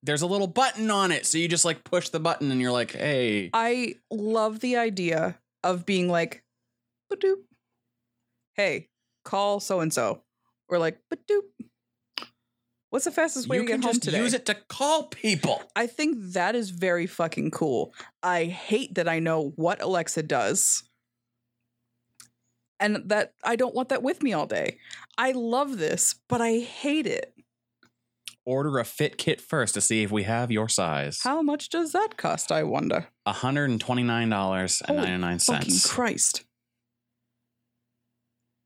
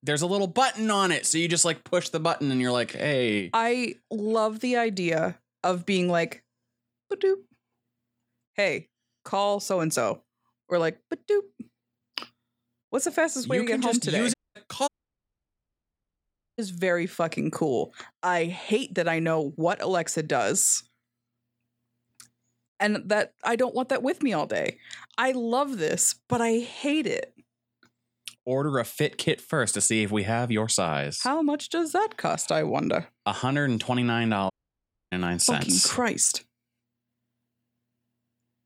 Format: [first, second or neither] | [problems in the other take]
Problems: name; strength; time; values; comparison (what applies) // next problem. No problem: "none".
first | audio cutting out; at 14 s, at 15 s for 1.5 s and at 35 s for 0.5 s